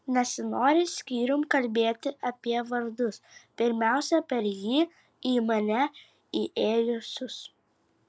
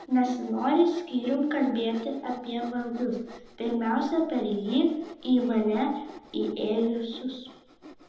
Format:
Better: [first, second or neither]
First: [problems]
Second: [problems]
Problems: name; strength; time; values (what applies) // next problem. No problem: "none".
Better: first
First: none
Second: background sound (Sawing); 19 dB below the speech // room echo; dies away in 0.8 s